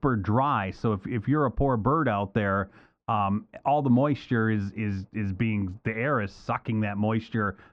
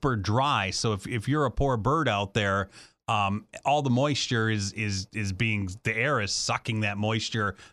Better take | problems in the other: second | muffled; very; fading above 1.5 kHz

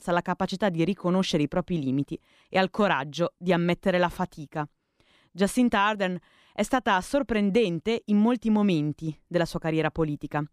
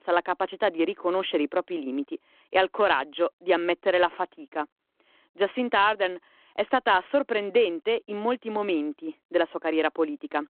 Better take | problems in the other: first | phone-call audio

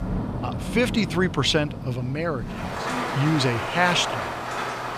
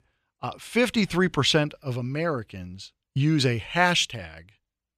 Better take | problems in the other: second | rain or running water; loud; throughout; 6 dB below the speech

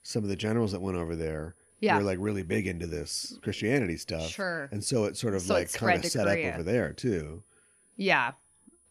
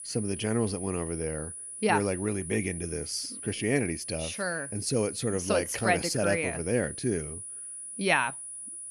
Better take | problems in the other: first | high-pitched whine; loud; throughout; 10 kHz, 8 dB below the speech; faint in the first

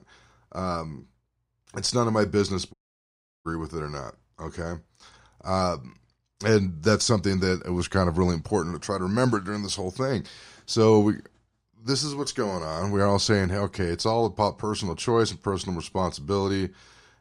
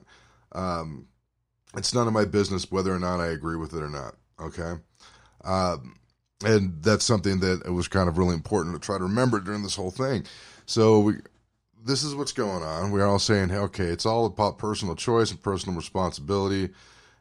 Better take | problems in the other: second | audio cutting out; at 2.5 s for 0.5 s

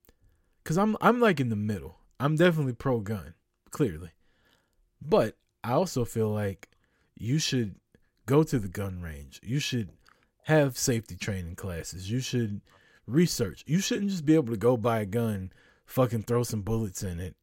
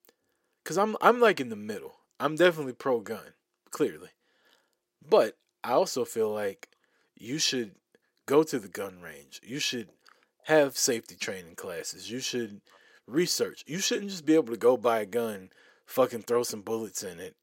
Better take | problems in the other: first | thin; somewhat; fading below 400 Hz

